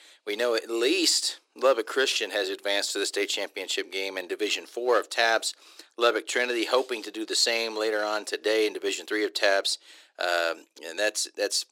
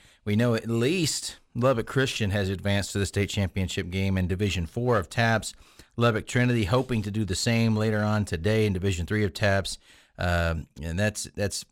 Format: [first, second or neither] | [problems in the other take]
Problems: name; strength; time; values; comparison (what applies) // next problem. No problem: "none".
second | thin; very; fading below 300 Hz